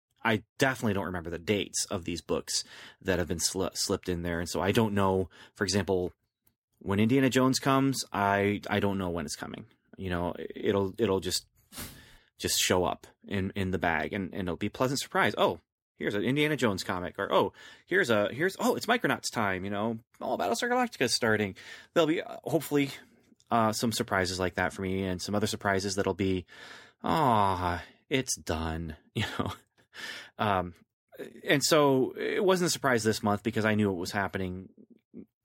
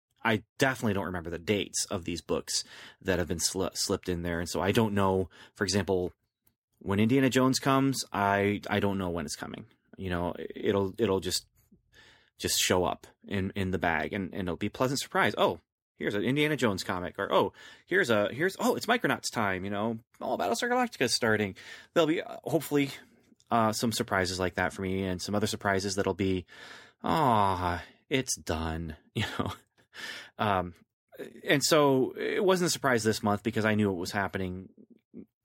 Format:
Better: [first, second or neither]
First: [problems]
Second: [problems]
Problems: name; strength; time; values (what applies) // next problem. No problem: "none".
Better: second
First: footsteps; faint; at 12 s; peak 15 dB below the speech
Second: none